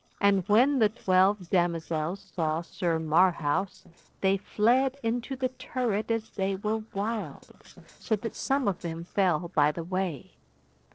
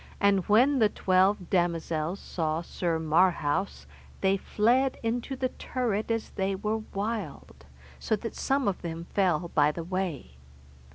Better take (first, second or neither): second